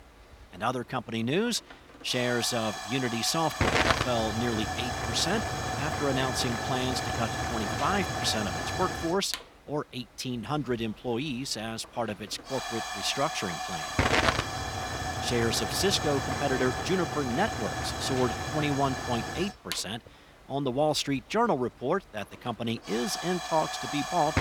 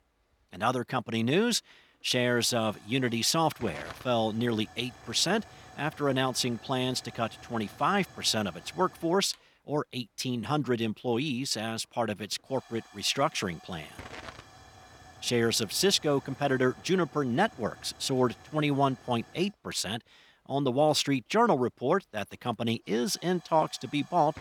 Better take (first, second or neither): second